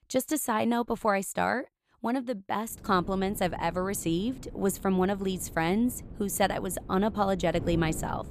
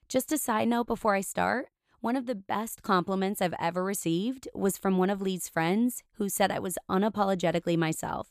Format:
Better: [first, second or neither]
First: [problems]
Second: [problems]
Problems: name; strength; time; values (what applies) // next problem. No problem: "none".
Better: second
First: wind noise on the microphone; occasional gusts; from 3 s on; 20 dB below the speech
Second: none